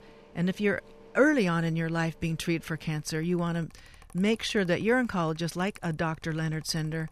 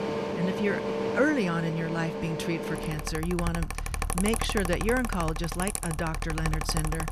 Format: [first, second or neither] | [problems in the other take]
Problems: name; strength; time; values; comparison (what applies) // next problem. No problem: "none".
first | machinery noise; loud; throughout; 2 dB below the speech; faint in the first